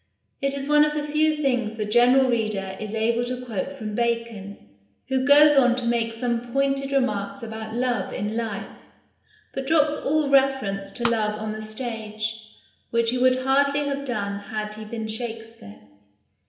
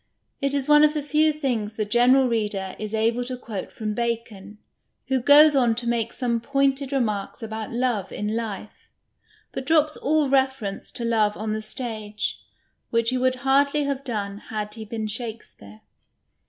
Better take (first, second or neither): second